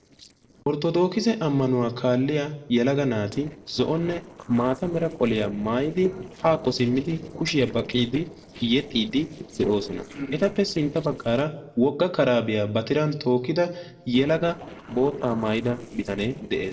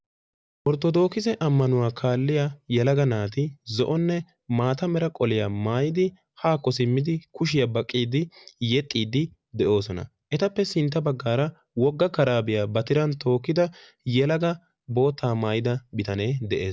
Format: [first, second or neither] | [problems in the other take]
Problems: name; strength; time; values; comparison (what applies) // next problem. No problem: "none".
second | noise reduction (neural separator model SepFormer DNS4)